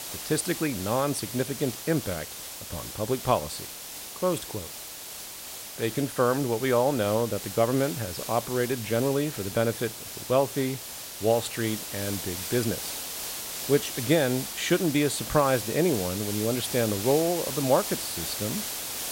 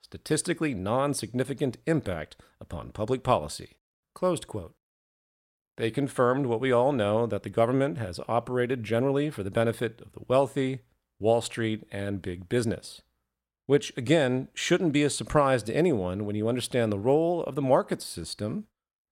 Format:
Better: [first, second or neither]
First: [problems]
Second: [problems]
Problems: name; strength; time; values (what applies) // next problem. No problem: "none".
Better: second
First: hiss; loud; throughout; 7 dB below the speech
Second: none